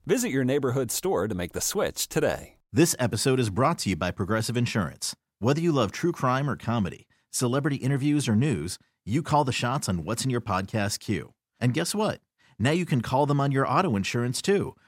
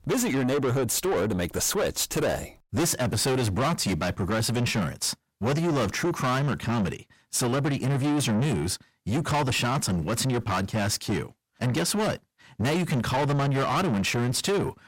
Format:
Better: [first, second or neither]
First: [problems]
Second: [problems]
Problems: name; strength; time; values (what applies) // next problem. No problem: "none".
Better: first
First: none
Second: distortion; heavy; 6 dB below the speech